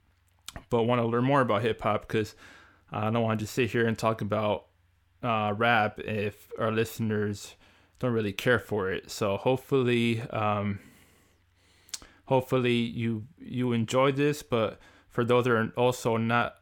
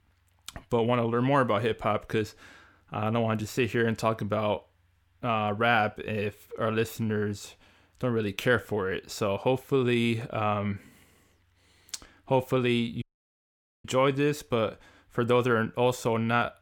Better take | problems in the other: first | audio cutting out; at 13 s for 1 s

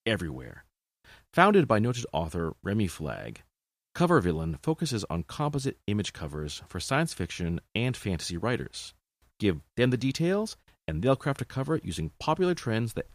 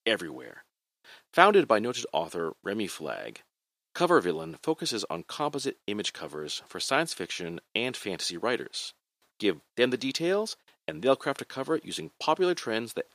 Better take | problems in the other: first | thin; somewhat; fading below 350 Hz

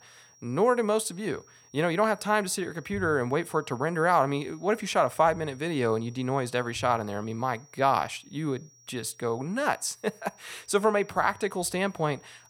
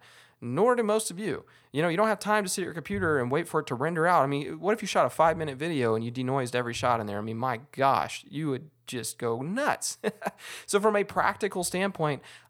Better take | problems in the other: second | high-pitched whine; faint; throughout; 5.5 kHz, 30 dB below the speech

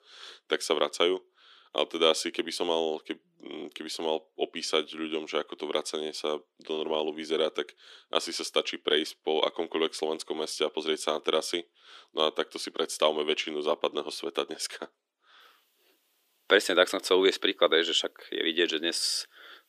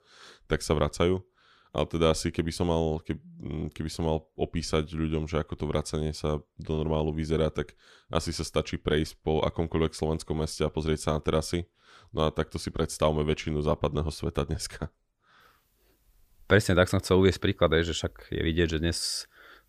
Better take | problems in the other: second | thin; somewhat; fading below 300 Hz

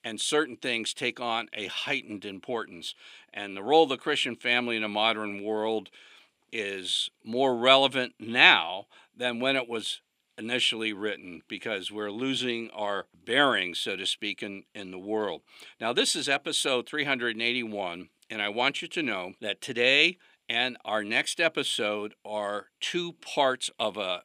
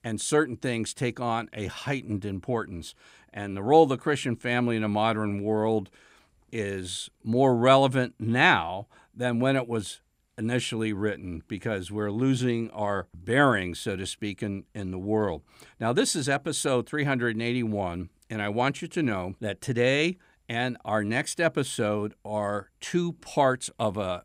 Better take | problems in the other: second | thin; very slightly; fading below 300 Hz

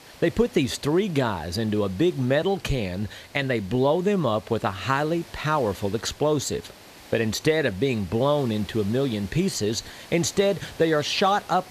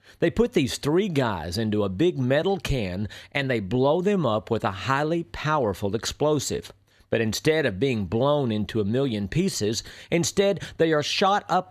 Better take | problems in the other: second | hiss; faint; throughout; 20 dB below the speech

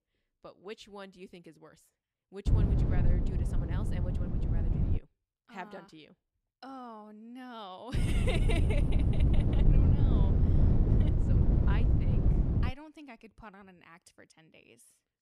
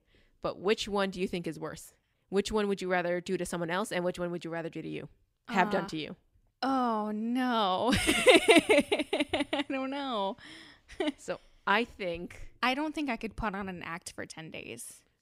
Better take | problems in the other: second | wind noise on the microphone; heavy; from 2.5 to 5 s and from 8 to 13 s; 4 dB above the speech

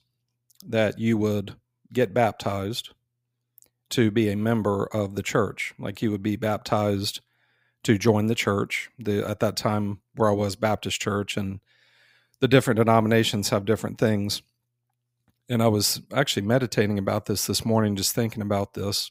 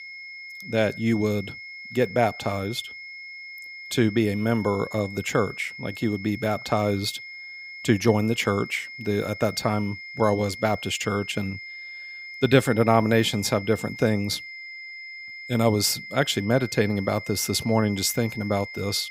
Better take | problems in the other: first | high-pitched whine; noticeable; throughout; 2 kHz, 10 dB below the speech

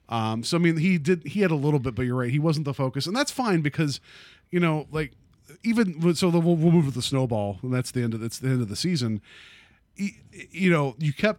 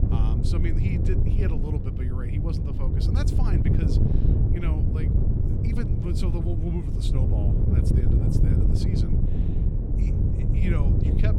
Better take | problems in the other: first | wind noise on the microphone; heavy; 3 dB above the speech

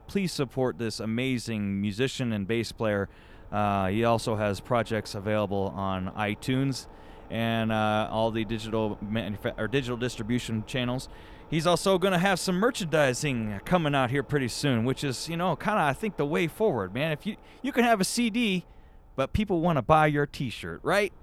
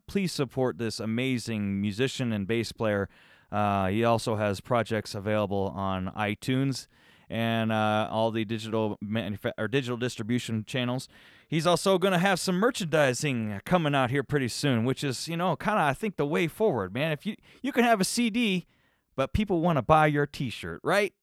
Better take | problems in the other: second | low rumble; faint; throughout; 25 dB below the speech

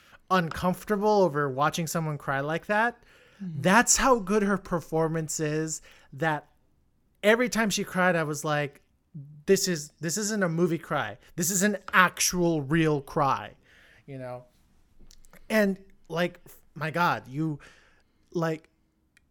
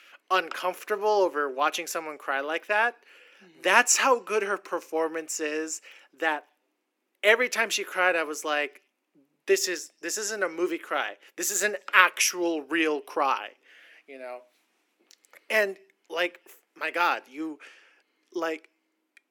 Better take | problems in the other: first | thin; very; fading below 300 Hz

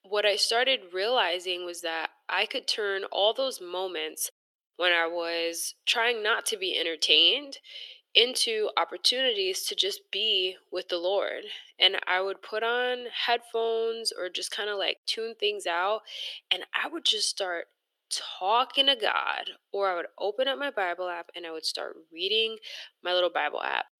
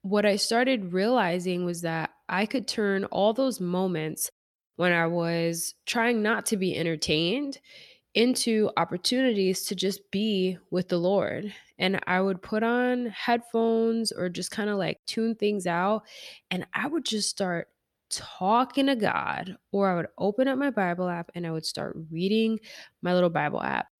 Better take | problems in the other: second | thin; very; fading below 350 Hz

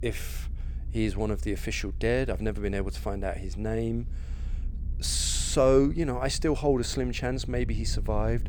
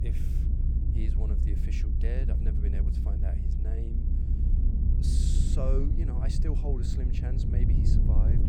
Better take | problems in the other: first | low rumble; loud; throughout; 1 dB below the speech; faint in the first

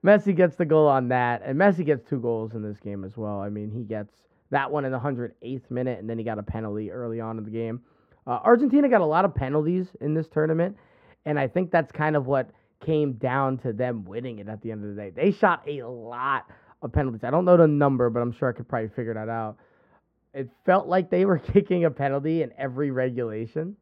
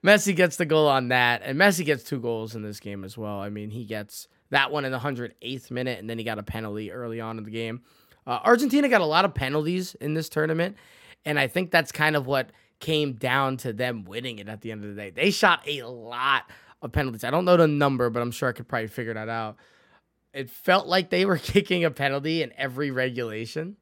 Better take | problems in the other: second | muffled; very; fading above 3.5 kHz

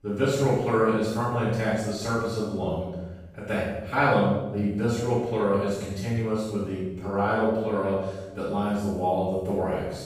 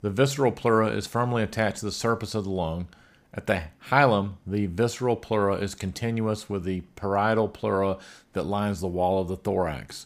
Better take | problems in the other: second | off-mic speech; far // room echo; strong; dies away in 0.9 s

